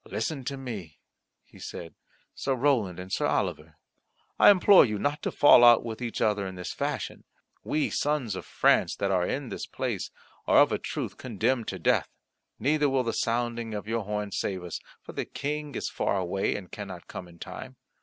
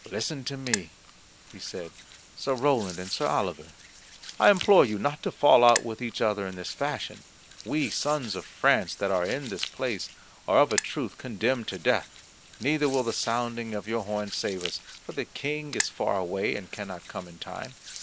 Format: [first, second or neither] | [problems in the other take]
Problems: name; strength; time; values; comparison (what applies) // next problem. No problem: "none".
first | background sound (Hands); 13 dB below the speech